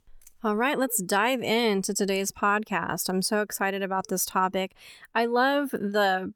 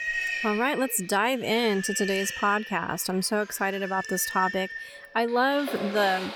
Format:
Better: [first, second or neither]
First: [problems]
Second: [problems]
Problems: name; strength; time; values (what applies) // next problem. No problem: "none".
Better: first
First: none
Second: animal sounds; loud; throughout; 7 dB below the speech